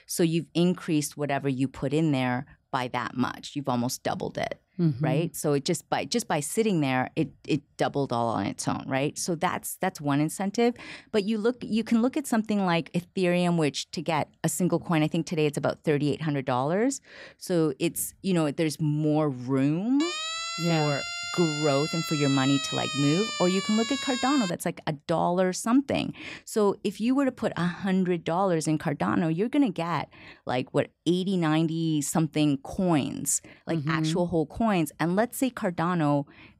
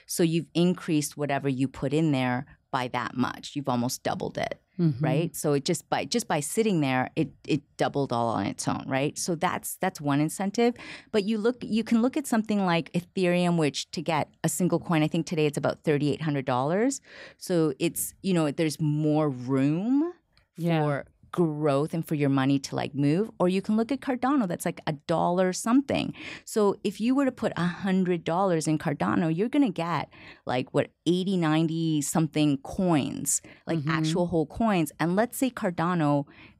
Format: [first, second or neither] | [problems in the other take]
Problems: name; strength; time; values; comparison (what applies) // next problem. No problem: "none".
second | siren; noticeable; from 20 to 25 s; peak 3 dB below the speech